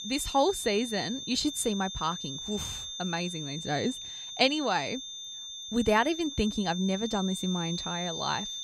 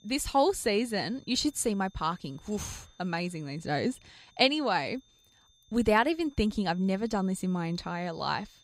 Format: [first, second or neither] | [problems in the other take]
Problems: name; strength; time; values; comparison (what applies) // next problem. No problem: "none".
second | high-pitched whine; loud; throughout; 3.5 kHz, 7 dB below the speech; faint in the second